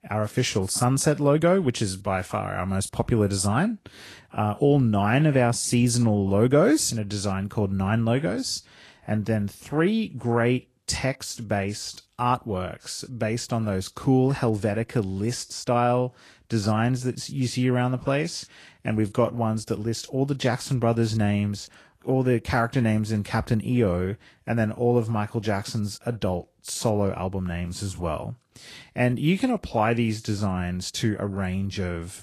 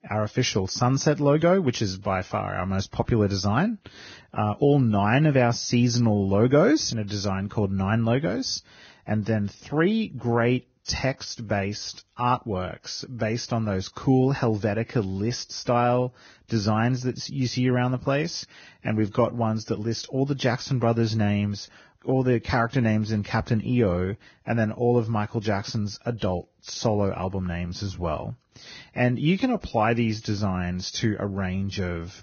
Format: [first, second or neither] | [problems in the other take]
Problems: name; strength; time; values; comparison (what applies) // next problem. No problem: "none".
first | garbled, watery; badly; nothing above 6.5 kHz; slightly in the first